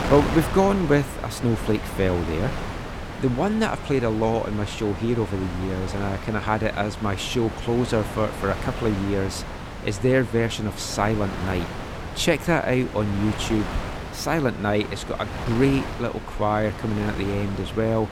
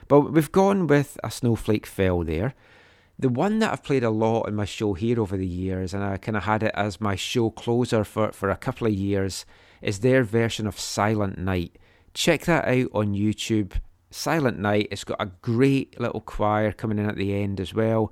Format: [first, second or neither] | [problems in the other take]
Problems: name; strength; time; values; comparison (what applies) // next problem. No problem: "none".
second | wind noise on the microphone; heavy; 8 dB below the speech